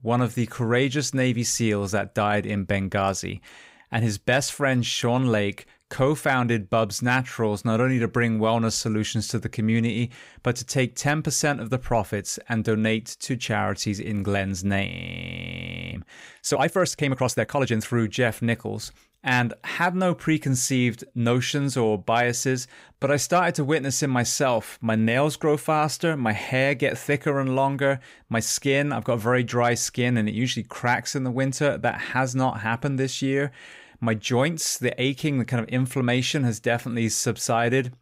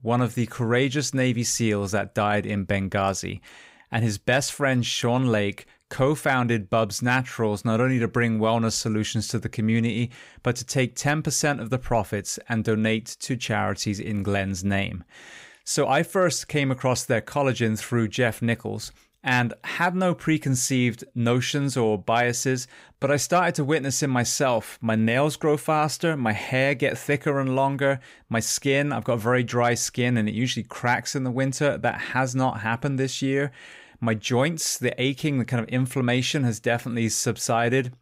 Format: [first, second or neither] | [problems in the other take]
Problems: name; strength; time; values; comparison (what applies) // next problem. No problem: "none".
second | audio freezing; at 15 s for 1 s